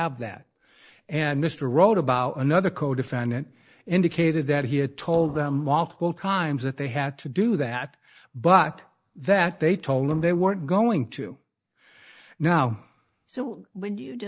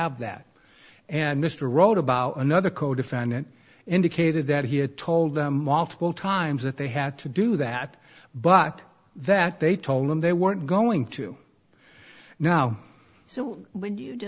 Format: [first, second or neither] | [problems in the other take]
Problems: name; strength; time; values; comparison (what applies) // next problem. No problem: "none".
second | noise reduction (neural mask model DeepFilterNet 3)